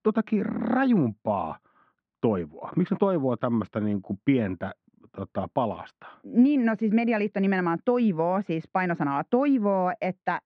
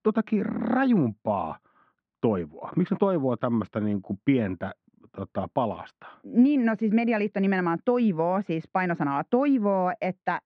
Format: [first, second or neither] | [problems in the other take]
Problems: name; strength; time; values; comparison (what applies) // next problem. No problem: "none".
neither | muffled; very; fading above 2.5 kHz; the same in both